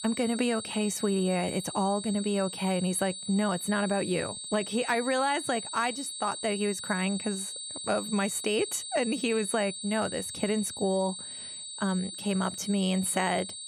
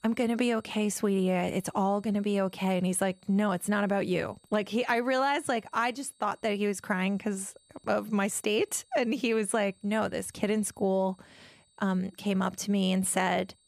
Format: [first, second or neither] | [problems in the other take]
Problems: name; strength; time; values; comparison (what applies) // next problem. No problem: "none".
second | high-pitched whine; loud; throughout; 8 kHz, 7 dB below the speech; faint in the second